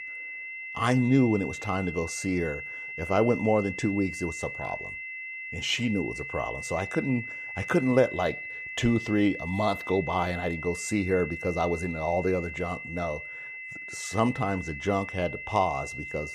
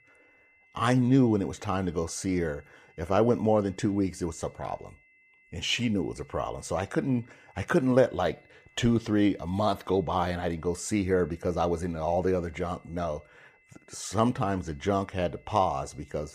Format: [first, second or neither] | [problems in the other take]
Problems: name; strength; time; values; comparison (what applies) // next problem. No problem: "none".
second | high-pitched whine; loud; throughout; 2 kHz, 8 dB below the speech; faint in the second